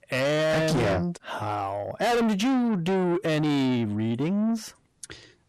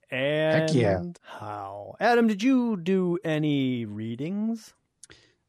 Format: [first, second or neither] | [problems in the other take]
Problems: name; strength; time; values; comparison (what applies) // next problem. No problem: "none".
second | distortion; heavy; 6 dB below the speech